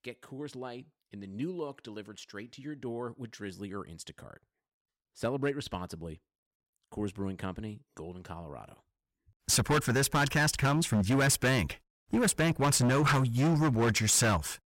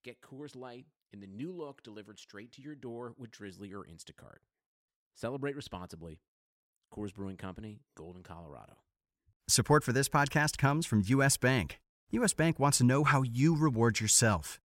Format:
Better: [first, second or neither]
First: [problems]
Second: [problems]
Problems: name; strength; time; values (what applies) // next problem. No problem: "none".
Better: second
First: distortion; heavy; 9% of the sound clipped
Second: none